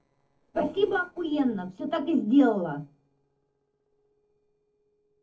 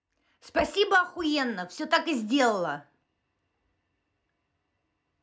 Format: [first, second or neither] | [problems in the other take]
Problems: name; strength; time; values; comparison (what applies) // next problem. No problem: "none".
second | noise reduction (neural separator model SepFormer DNS4)